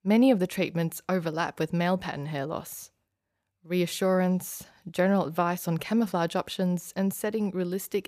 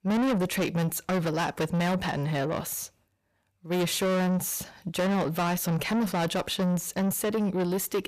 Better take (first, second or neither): first